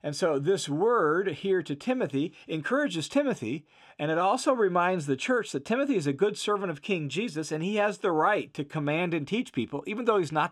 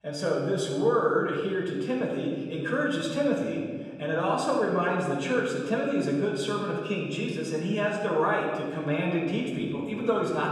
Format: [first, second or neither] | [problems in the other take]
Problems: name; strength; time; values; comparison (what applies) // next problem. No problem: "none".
first | off-mic speech; far // room echo; noticeable; dies away in 1.6 s